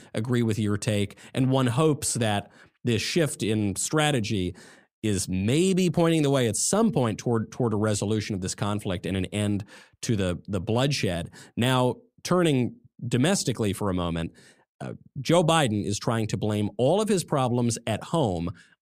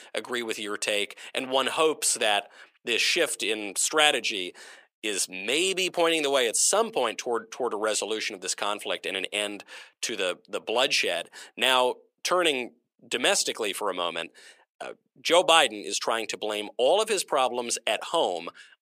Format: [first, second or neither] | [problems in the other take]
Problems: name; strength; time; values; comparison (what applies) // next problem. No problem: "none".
first | thin; very; fading below 450 Hz